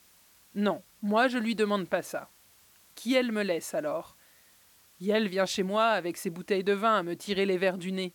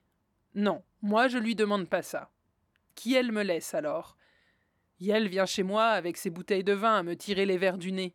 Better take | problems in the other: second | hiss; faint; throughout; 30 dB below the speech

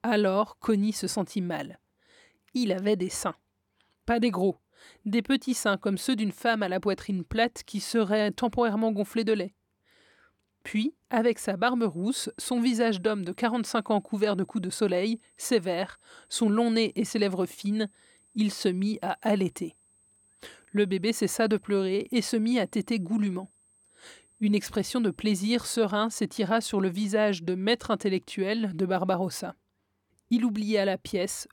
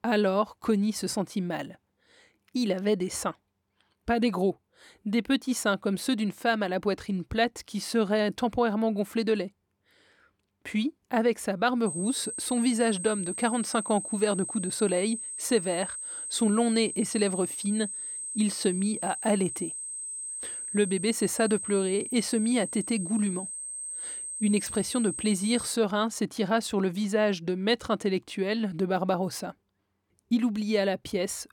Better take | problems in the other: first | high-pitched whine; loud; from 12 to 26 s; 8.5 kHz, 6 dB below the speech; faint in the first

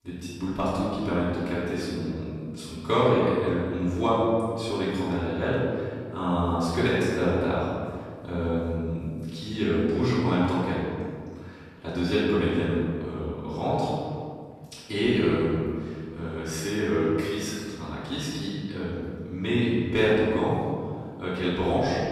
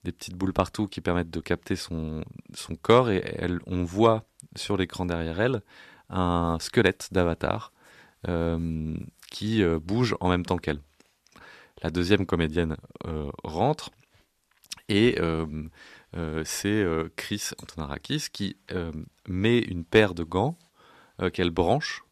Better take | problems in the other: second | off-mic speech; far // room echo; strong; dies away in 1.9 s

